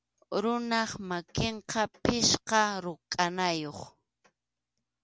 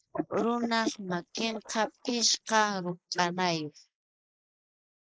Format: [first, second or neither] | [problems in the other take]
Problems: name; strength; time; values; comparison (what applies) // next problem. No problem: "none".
first | noise reduction (neural mask model Resemble Enhance denoiser)